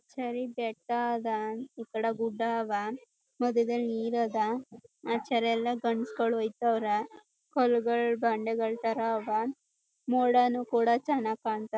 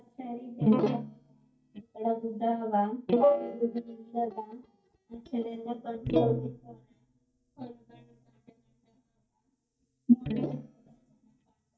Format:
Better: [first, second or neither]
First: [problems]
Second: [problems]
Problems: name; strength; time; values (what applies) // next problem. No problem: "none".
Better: first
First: none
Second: noise reduction (neural mask model DeepFilterNet 3)